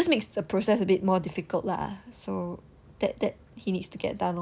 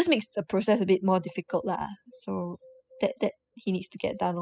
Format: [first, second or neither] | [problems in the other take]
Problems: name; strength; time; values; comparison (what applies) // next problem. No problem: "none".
first | noise reduction (classical method spectral subtraction)